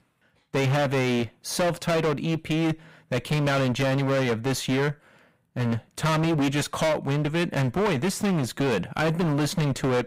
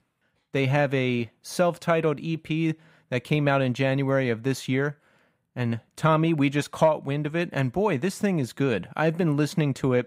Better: second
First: distortion; heavy; 26% of the sound clipped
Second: none

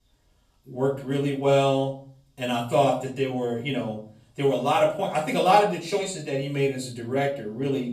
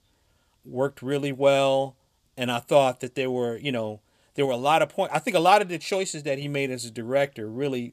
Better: second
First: room echo; slight; dies away in 0.5 s // off-mic speech; far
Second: none

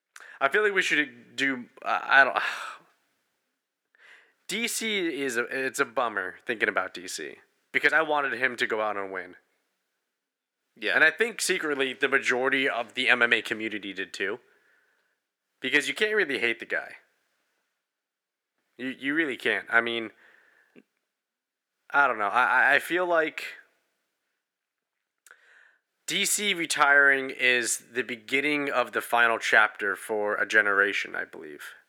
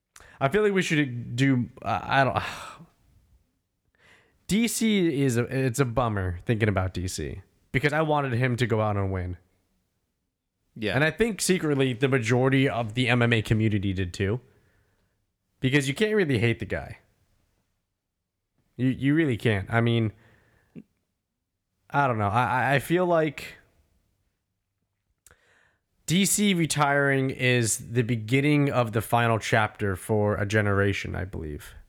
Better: second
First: thin; very; fading below 350 Hz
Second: none

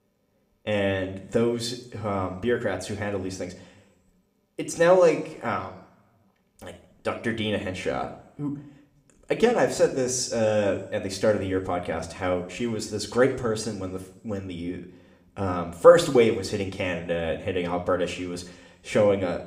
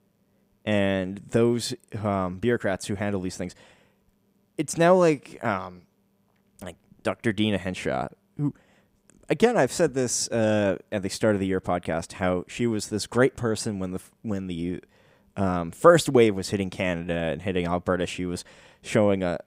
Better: second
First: room echo; slight; dies away in 0.6 s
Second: none

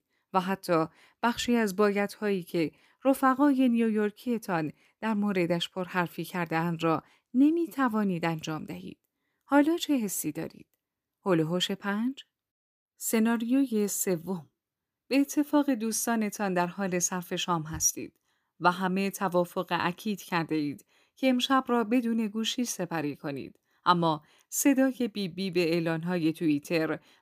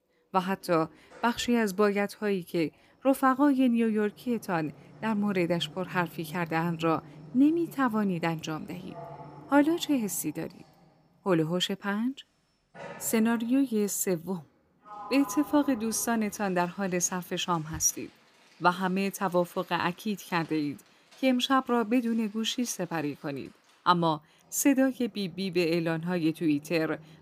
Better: first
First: none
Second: household noises; faint; throughout; 20 dB below the speech

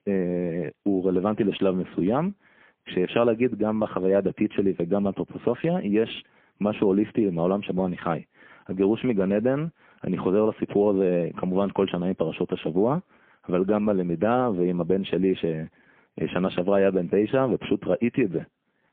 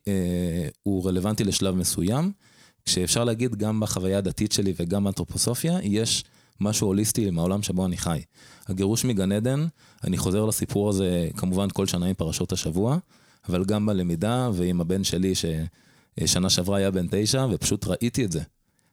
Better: second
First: phone-call audio; poor line; nothing above 3.5 kHz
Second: none

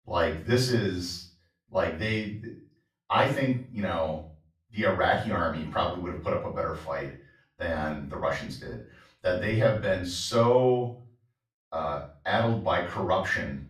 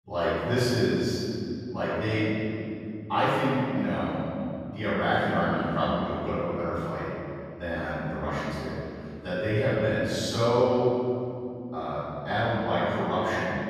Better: first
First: room echo; slight; dies away in 0.4 s // off-mic speech; far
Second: room echo; strong; dies away in 3 s // off-mic speech; far

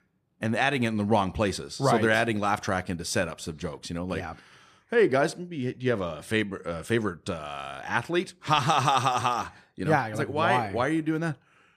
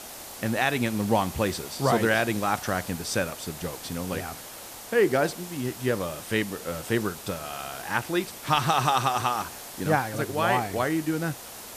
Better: first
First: none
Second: hiss; noticeable; throughout; 10 dB below the speech

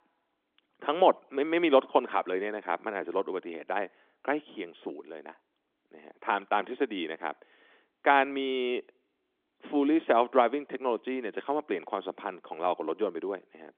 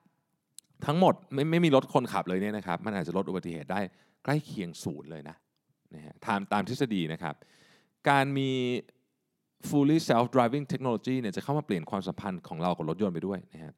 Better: second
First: phone-call audio; nothing above 3.5 kHz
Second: none

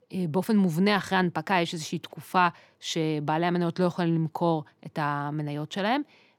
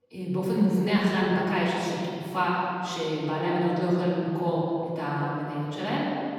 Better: first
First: none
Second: off-mic speech; far // room echo; strong; dies away in 2.6 s

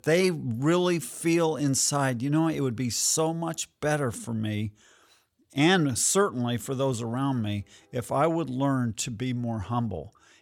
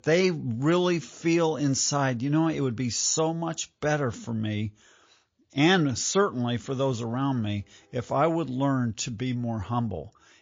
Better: first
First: none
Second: garbled, watery; slightly

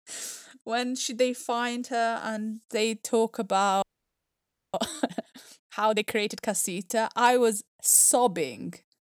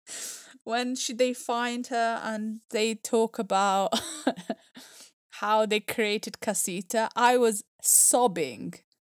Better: second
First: audio freezing; at 4 s for 1 s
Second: none

